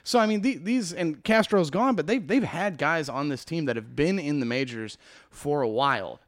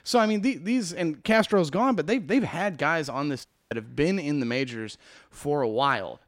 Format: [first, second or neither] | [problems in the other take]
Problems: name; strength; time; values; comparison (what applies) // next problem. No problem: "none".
first | audio cutting out; at 3.5 s